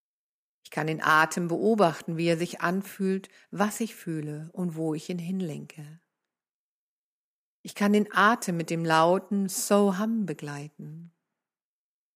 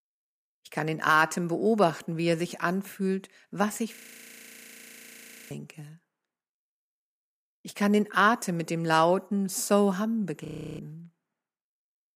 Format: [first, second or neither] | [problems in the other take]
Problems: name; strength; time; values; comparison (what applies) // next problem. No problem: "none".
first | audio freezing; at 4 s for 1.5 s and at 10 s